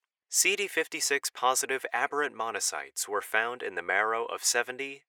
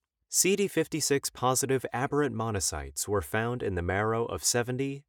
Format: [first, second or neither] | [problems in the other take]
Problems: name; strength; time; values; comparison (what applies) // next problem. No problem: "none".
second | thin; very; fading below 600 Hz